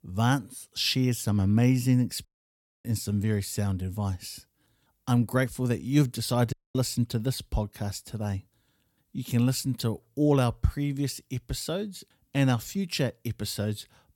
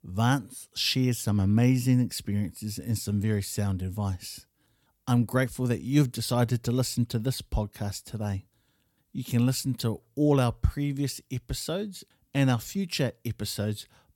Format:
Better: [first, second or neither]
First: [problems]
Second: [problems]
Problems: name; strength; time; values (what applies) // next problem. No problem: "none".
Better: second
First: audio cutting out; at 2.5 s for 0.5 s and at 6.5 s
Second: none